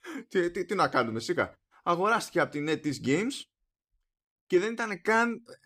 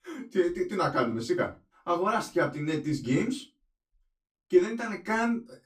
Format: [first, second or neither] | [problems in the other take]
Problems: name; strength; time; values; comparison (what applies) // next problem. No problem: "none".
first | off-mic speech; far // room echo; very slight; dies away in 0.2 s